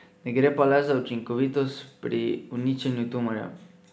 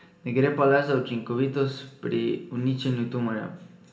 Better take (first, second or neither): first